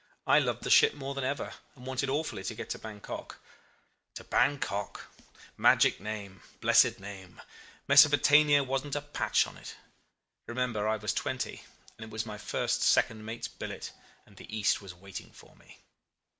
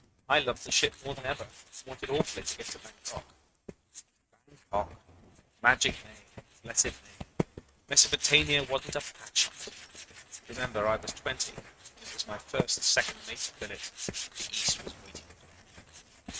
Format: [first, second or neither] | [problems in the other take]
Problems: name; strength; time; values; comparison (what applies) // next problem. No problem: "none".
first | noise reduction (neural mask model RNNoise)